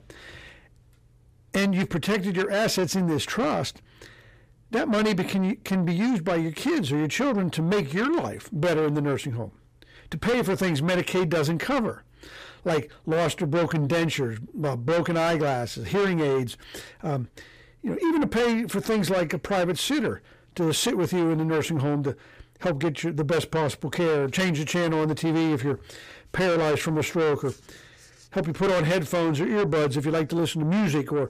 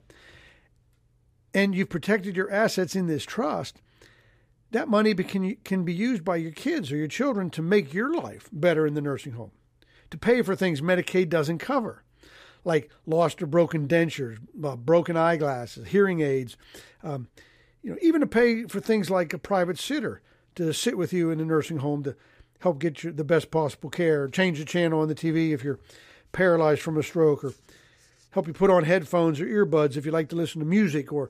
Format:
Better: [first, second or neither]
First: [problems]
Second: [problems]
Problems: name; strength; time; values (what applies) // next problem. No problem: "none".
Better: second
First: distortion; heavy; 6 dB below the speech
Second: none